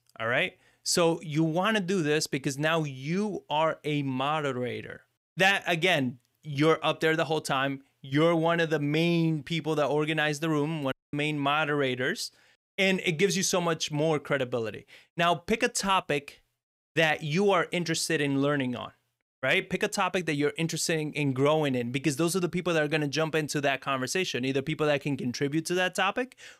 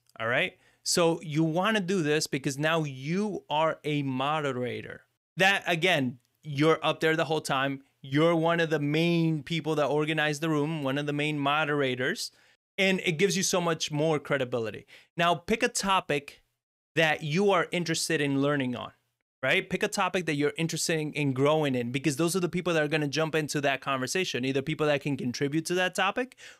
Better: second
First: audio cutting out; at 11 s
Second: none

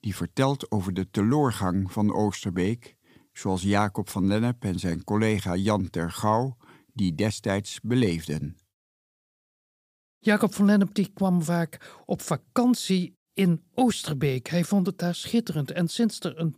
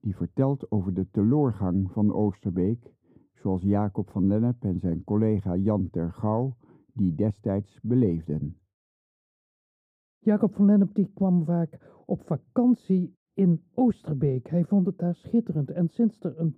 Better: first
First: none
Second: muffled; very; fading above 1.5 kHz

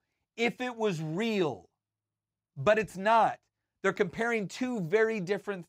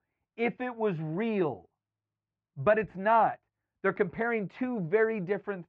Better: first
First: none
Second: muffled; very; fading above 2 kHz

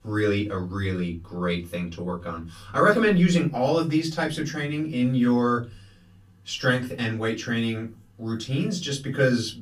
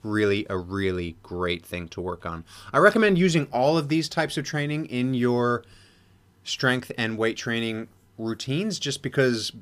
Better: second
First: off-mic speech; far // room echo; very slight; dies away in 0.2 s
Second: none

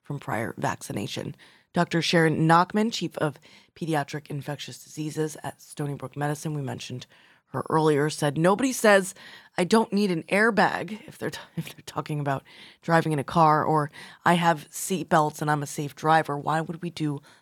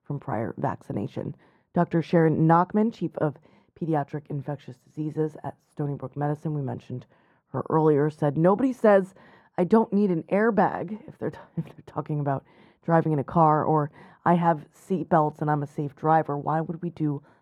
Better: first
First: none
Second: muffled; very; fading above 2 kHz

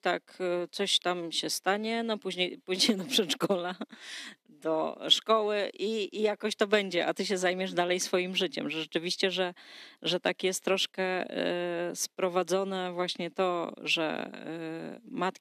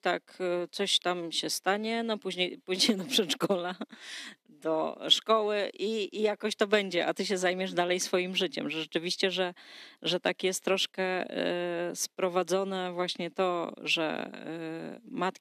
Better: neither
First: thin; somewhat; fading below 300 Hz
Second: thin; somewhat; fading below 300 Hz

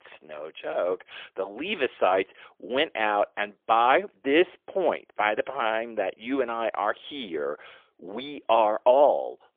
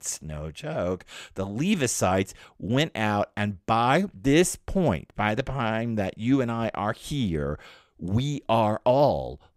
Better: second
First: phone-call audio; poor line; nothing above 3.5 kHz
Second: none

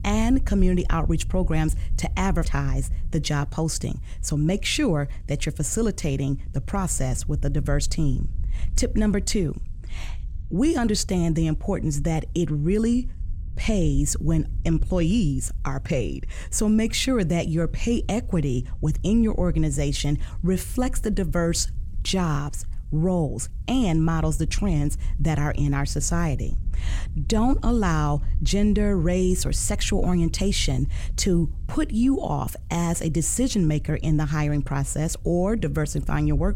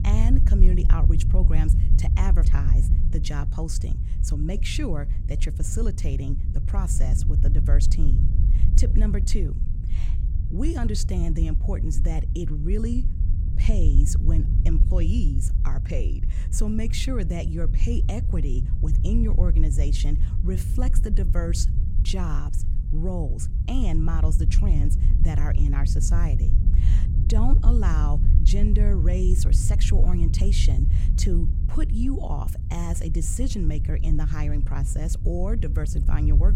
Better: first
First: low rumble; faint; throughout; 25 dB below the speech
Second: low rumble; loud; throughout; 6 dB below the speech

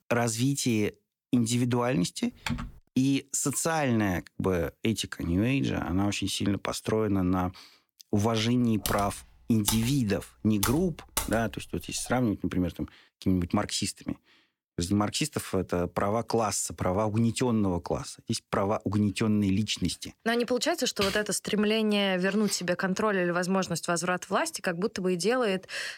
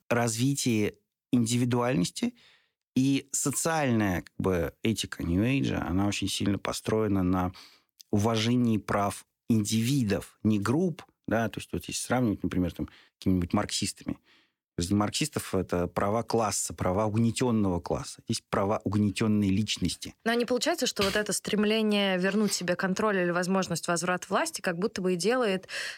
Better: second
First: keyboard typing; noticeable; at 2.5 s and from 9 to 12 s; peak 4 dB below the speech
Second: none

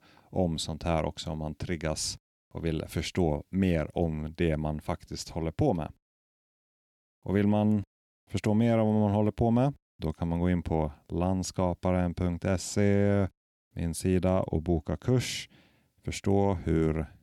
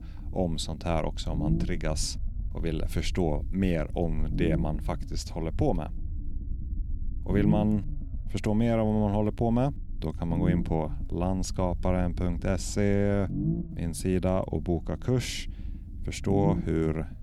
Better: first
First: none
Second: low rumble; noticeable; throughout; 10 dB below the speech

